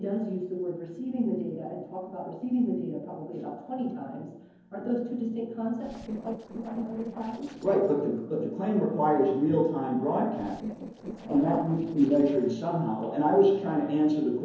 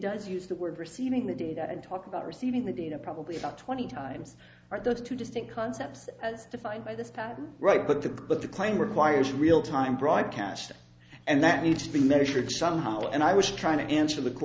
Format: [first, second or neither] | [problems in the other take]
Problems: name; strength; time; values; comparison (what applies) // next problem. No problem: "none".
second | noise reduction (neural separator model SepFormer DNS4)